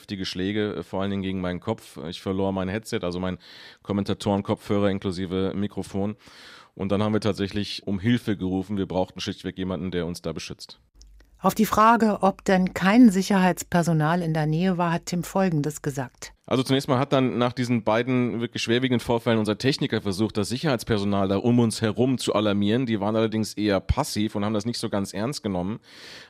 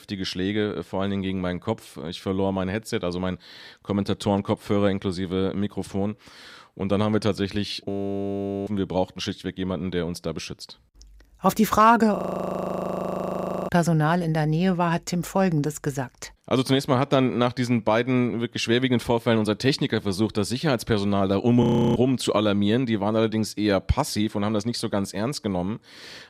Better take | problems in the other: first | audio freezing; at 8 s for 1 s, at 12 s for 1.5 s and at 22 s

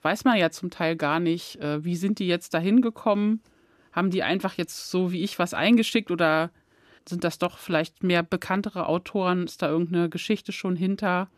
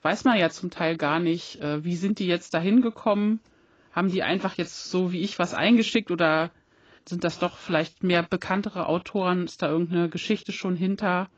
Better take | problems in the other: first | garbled, watery; badly; nothing above 7.5 kHz

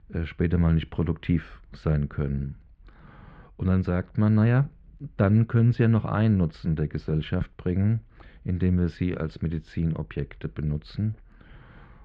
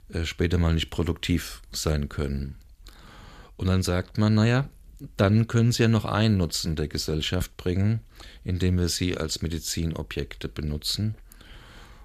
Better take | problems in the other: second | muffled; very; fading above 2 kHz

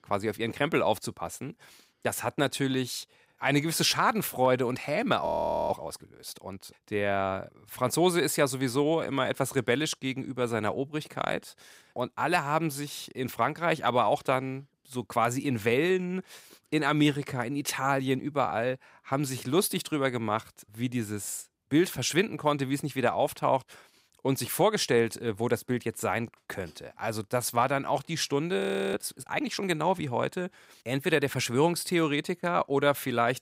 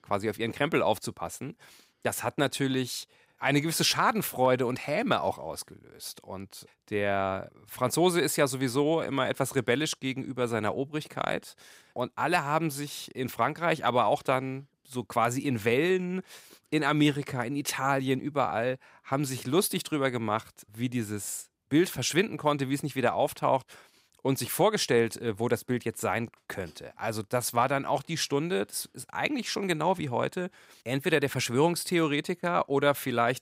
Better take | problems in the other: second | audio freezing; at 5.5 s and at 29 s

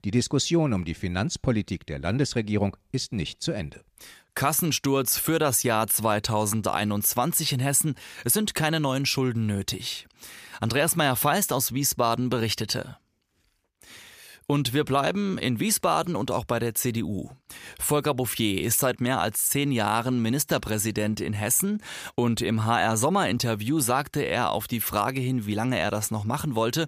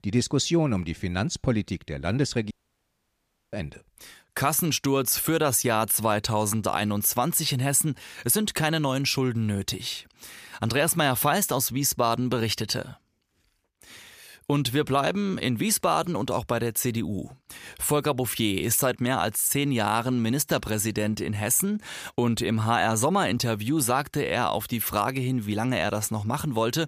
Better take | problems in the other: first | audio cutting out; at 2.5 s for 1 s

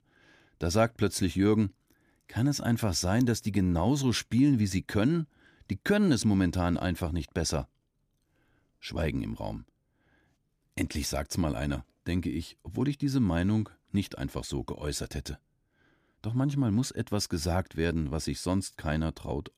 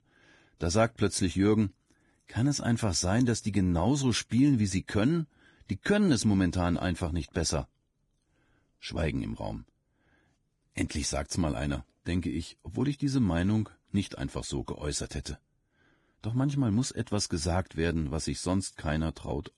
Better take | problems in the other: first | garbled, watery; badly; nothing above 10.5 kHz

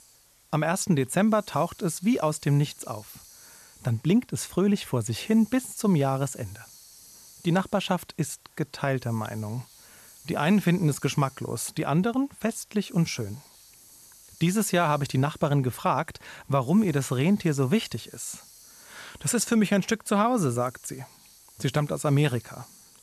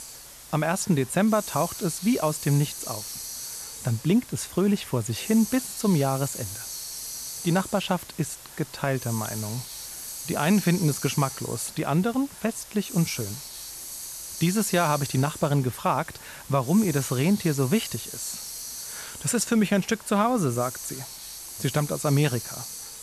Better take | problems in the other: first | hiss; loud; throughout; 10 dB below the speech; faint in the first

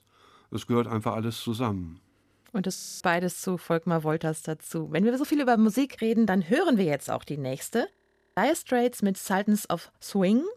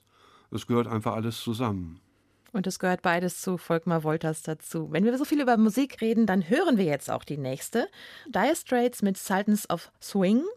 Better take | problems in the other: second | audio freezing; at 3 s and at 8 s

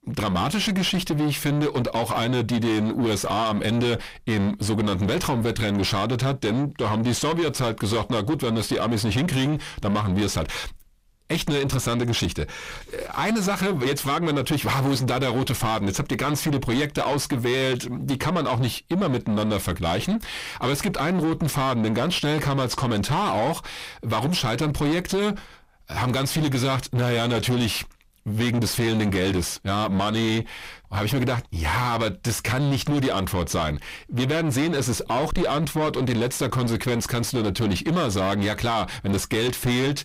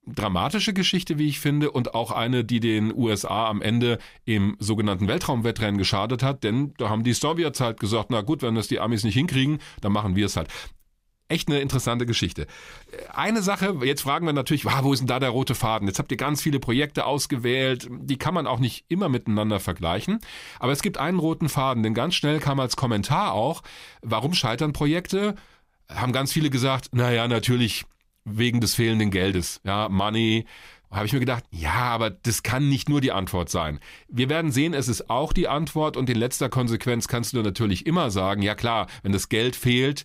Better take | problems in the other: second | distortion; heavy; 7 dB below the speech

